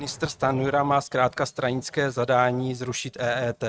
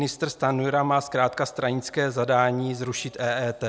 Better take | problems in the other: second | noise reduction (neural mask model RNNoise)

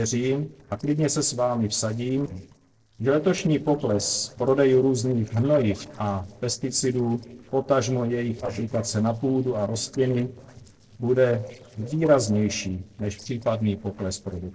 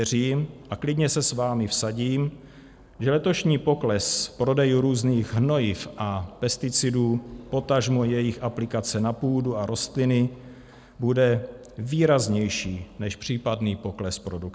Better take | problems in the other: second | noise reduction (neural separator model SepFormer DNS4)

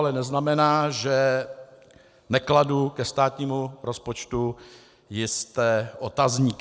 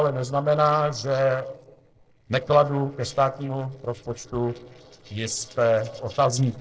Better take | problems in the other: first | noise reduction (neural separator model SepFormer DNS4)

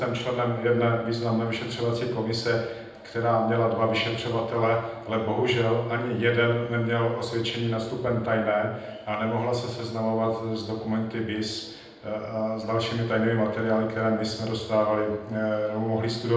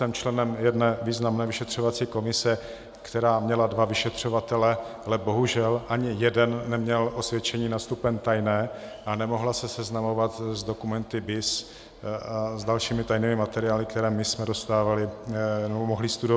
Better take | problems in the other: second | room echo; dies away in 0.8 s

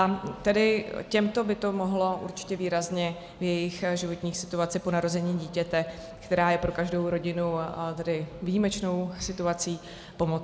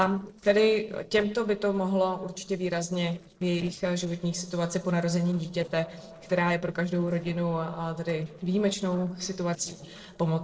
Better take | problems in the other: first | noise reduction (neural separator model SepFormer DNS4)

